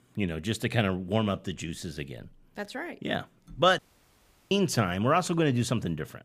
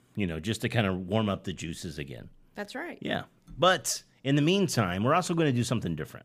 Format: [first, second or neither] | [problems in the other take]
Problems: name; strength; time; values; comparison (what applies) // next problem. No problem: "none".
second | audio cutting out; at 4 s for 0.5 s